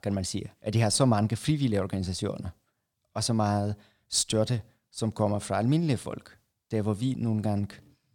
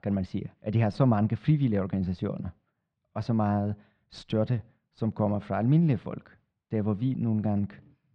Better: first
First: none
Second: muffled; very; fading above 2.5 kHz

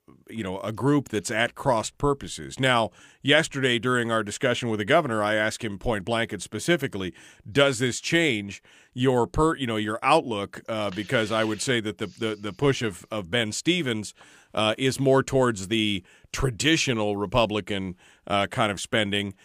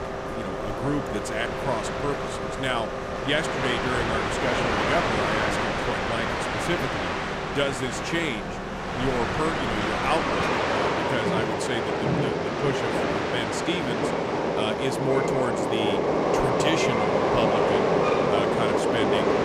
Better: first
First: none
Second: train or aircraft noise; very loud; throughout; 4 dB above the speech

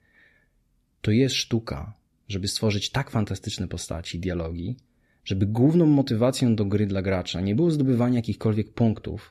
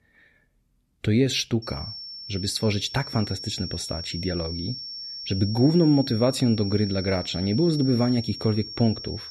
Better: first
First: none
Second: high-pitched whine; loud; from 1.5 s on; 5.5 kHz, 10 dB below the speech

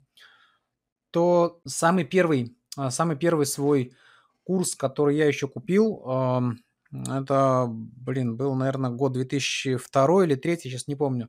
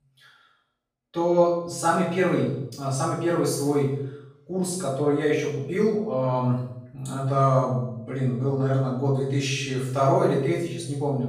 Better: first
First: none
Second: room echo; noticeable; dies away in 0.7 s // off-mic speech; far

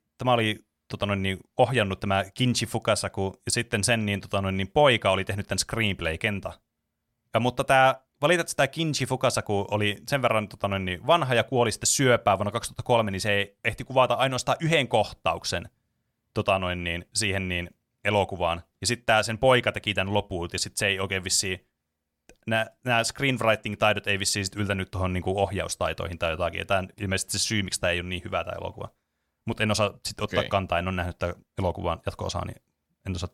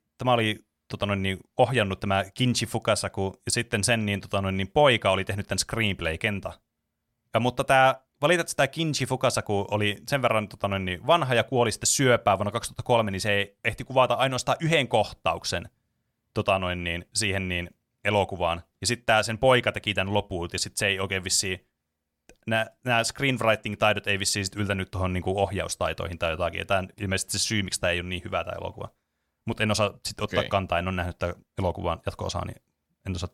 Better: neither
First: none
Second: none

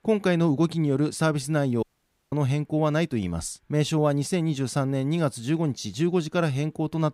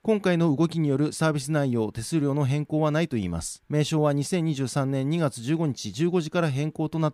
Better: second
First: audio cutting out; at 2 s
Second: none

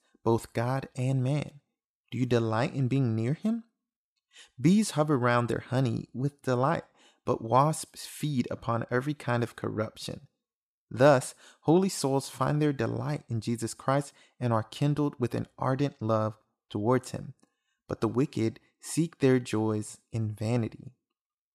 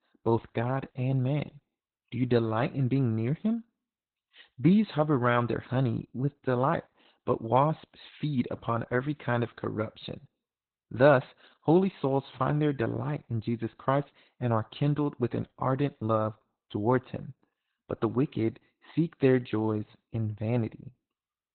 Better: first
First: none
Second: garbled, watery; badly; nothing above 4 kHz

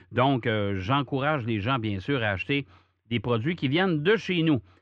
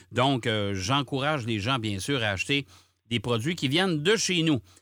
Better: second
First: muffled; very; fading above 2.5 kHz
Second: none

